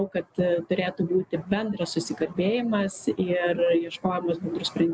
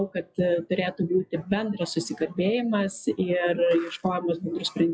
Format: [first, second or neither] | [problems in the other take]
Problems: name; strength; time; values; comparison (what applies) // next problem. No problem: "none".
first | noise reduction (classical method log-MMSE)